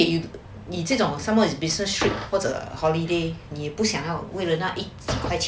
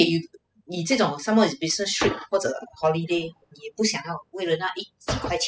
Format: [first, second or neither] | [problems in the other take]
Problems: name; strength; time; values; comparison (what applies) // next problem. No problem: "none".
first | noise reduction (classical method spectral subtraction)